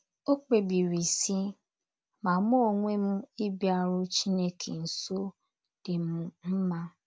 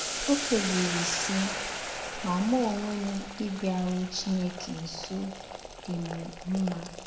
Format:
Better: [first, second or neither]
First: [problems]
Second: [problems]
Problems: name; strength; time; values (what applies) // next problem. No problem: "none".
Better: first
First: none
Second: background sound (Boiling); 5 dB below the speech // room echo; dies away in 0.9 s